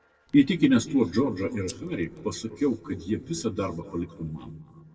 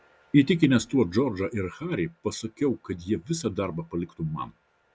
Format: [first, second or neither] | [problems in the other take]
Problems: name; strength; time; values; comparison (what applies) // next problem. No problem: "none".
second | noise reduction (neural separator model SepFormer DNS4)